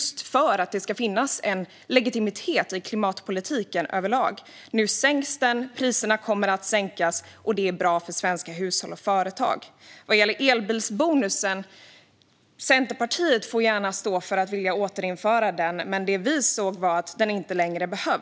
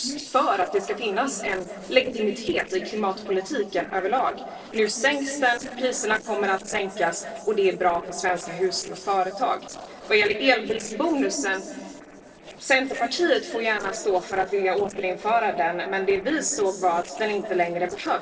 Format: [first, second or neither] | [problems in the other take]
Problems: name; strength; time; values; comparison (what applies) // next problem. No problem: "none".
first | noise reduction (neural separator model SepFormer DNS4)